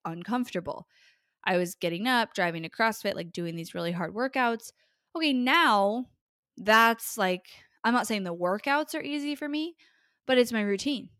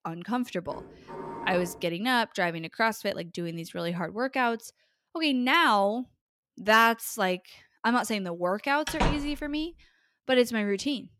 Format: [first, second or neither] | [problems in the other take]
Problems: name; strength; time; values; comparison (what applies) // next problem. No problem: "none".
first | clattering dishes; faint; from 0.5 to 2 s; peak 10 dB below the speech // door banging; noticeable; at 9 s; peak 2 dB below the speech